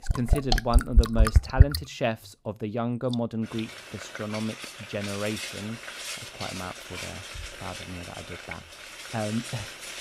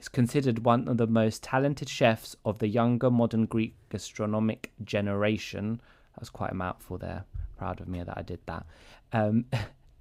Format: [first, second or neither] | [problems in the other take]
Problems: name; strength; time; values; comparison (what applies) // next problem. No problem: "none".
second | household noises; very loud; throughout; 3 dB above the speech